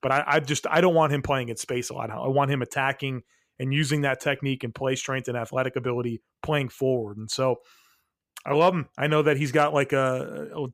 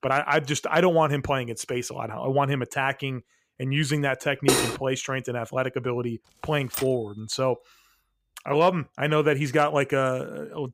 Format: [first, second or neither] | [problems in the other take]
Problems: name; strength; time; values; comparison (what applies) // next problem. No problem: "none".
first | clattering dishes; loud; at 4.5 s; peak 3 dB above the speech // keyboard typing; noticeable; at 6.5 s; peak 8 dB below the speech